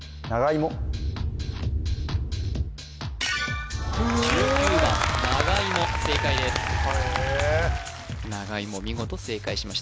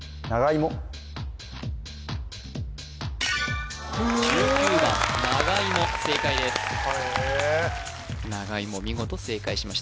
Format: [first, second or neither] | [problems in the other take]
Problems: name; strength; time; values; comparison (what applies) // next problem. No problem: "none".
second | background sound (Wind); 2 dB below the speech